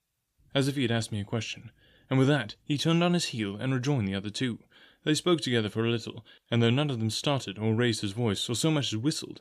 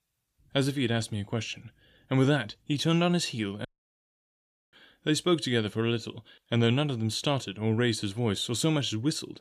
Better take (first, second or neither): first